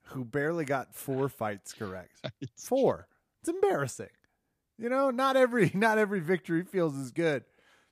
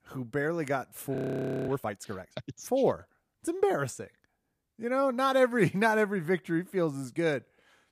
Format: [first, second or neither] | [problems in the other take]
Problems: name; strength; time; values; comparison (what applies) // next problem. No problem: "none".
first | audio freezing; at 1 s for 0.5 s